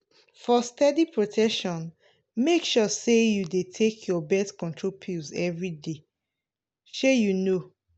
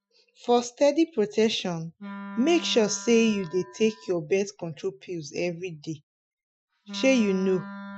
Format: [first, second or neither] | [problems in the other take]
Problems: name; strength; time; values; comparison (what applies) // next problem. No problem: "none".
first | noise reduction (classical method Wiener filter)